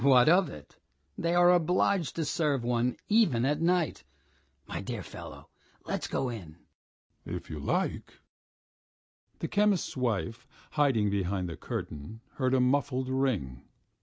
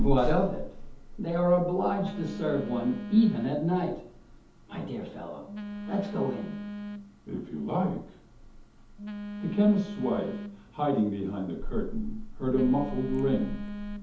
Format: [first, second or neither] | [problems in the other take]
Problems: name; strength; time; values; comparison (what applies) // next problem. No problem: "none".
first | background sound (Telephone); 6 dB below the speech // room echo; dies away in 0.6 s